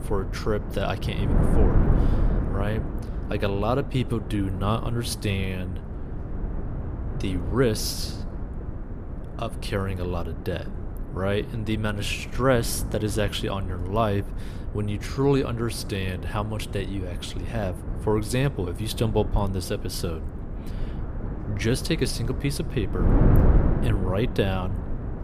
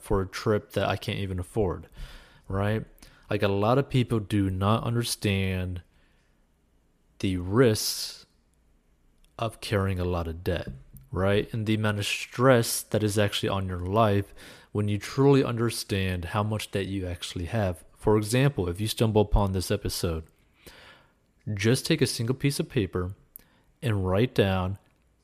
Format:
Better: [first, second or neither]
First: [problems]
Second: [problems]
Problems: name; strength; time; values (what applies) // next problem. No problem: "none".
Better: second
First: wind noise on the microphone; heavy; 9 dB below the speech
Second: none